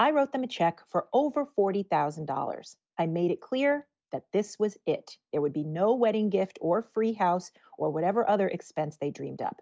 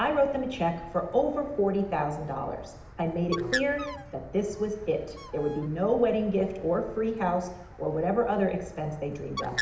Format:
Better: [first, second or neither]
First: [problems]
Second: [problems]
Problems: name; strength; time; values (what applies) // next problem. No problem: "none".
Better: first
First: none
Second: background sound (Bird); 12 dB below the speech // room echo; dies away in 0.8 s